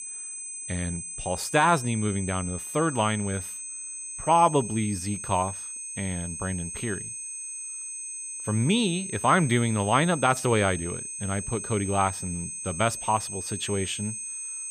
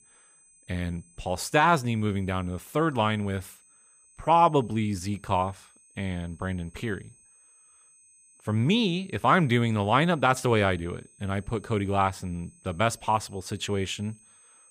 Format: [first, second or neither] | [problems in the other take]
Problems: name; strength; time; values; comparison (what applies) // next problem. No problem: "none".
second | high-pitched whine; loud; throughout; 8.5 kHz, 7 dB below the speech; faint in the second